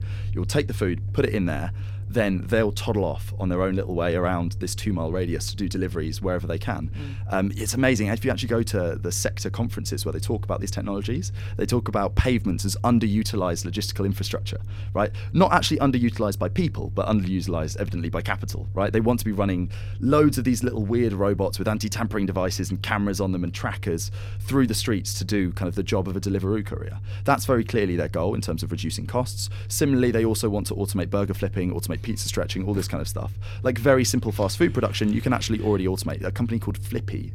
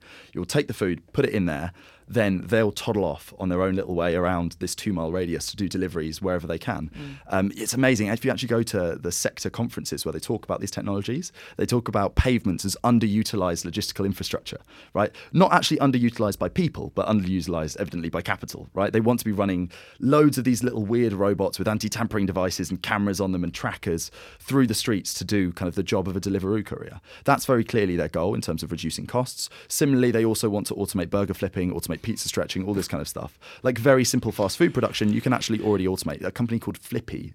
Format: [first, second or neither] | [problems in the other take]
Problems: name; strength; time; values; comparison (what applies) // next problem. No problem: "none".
second | low rumble; faint; throughout; 20 dB below the speech